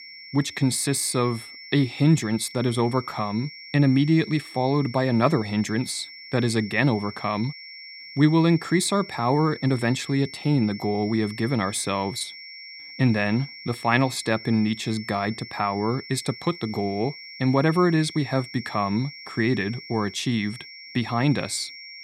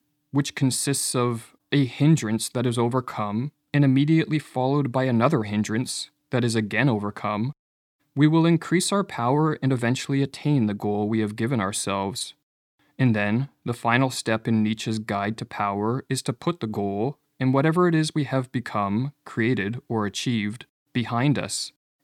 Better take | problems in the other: second | high-pitched whine; noticeable; throughout; 5.5 kHz, 15 dB below the speech

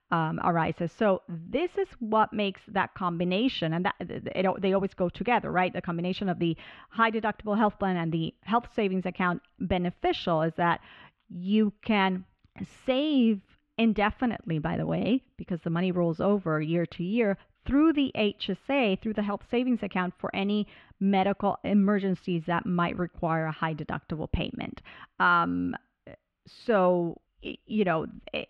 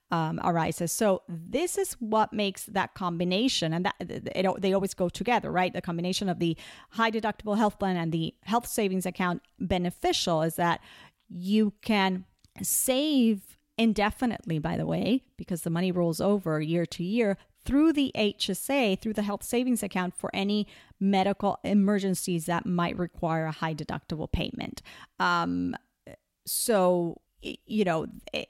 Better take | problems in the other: second | muffled; very; fading above 3 kHz

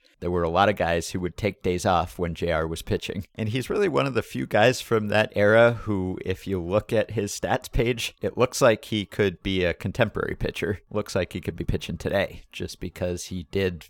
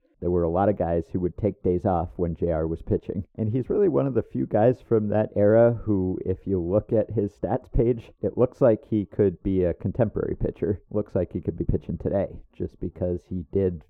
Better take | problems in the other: first | muffled; very; fading above 1.5 kHz

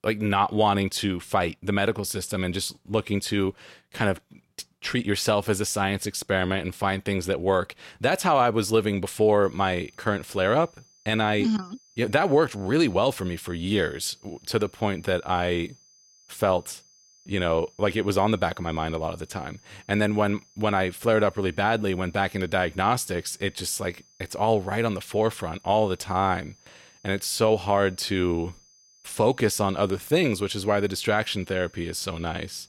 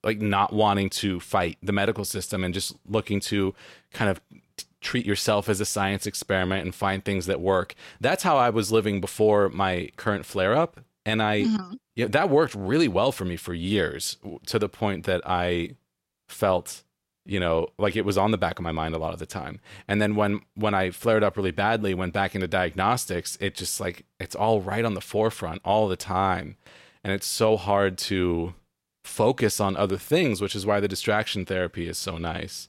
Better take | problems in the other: second | high-pitched whine; faint; from 9.5 s on; 6 kHz, 30 dB below the speech

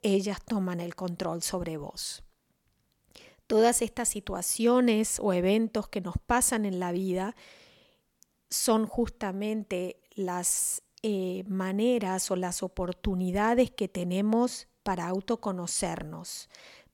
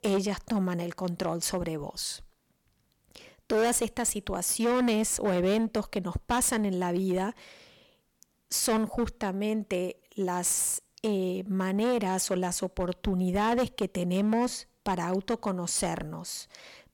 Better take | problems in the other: first | distortion; slight; 8% of the sound clipped

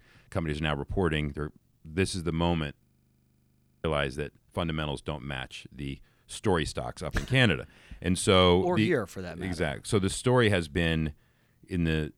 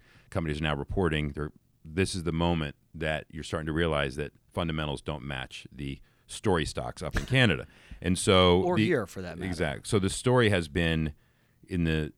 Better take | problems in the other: second | audio freezing; at 3 s for 1 s

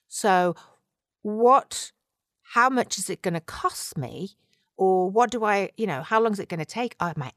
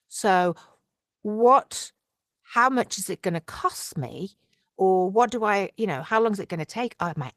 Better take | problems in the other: first | garbled, watery; slightly; nothing above 14 kHz

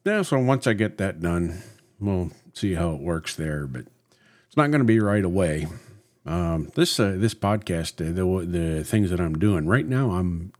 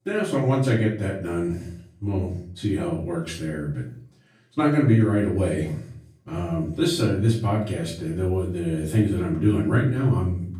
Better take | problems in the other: first | off-mic speech; far // room echo; noticeable; dies away in 0.5 s

